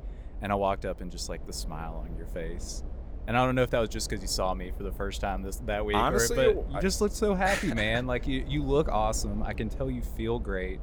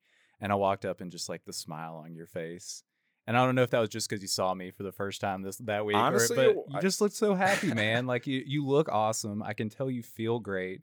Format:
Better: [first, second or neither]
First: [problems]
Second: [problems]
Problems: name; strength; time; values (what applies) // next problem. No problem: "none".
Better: second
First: low rumble; faint; throughout; 20 dB below the speech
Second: none